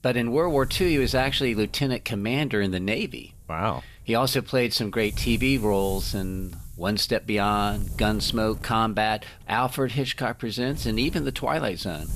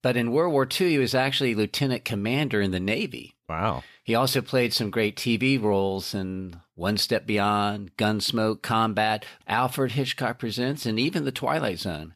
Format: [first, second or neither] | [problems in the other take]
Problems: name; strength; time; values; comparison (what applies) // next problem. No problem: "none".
second | wind noise on the microphone; occasional gusts; 25 dB below the speech